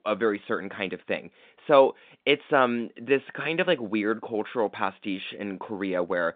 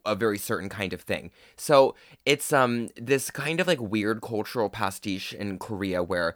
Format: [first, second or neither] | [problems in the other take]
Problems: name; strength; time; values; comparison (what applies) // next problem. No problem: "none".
second | phone-call audio